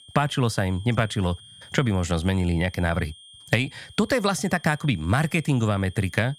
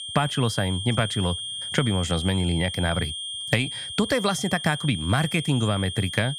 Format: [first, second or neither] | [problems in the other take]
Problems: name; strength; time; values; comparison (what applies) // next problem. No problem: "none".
first | high-pitched whine; loud; throughout; 3 kHz, 6 dB below the speech; faint in the first